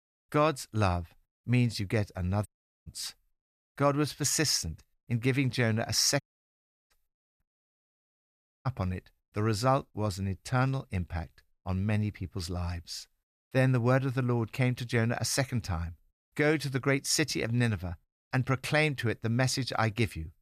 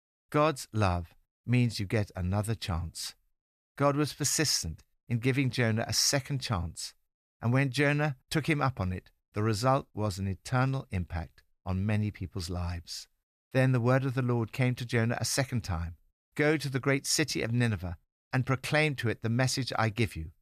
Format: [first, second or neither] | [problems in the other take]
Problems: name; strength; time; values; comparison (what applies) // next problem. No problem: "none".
second | audio cutting out; at 2.5 s, at 6 s for 0.5 s and at 7.5 s for 1 s